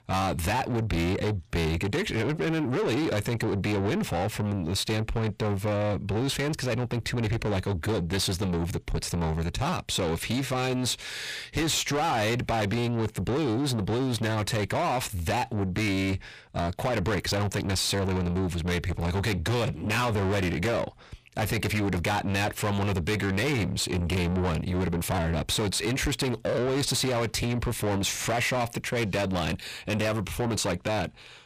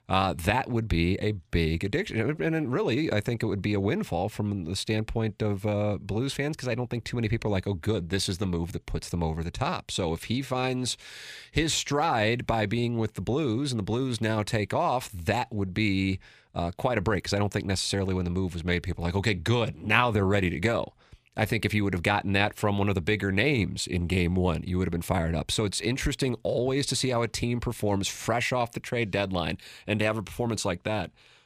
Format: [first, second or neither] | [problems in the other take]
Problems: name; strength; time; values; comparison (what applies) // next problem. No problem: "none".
second | distortion; heavy; 7 dB below the speech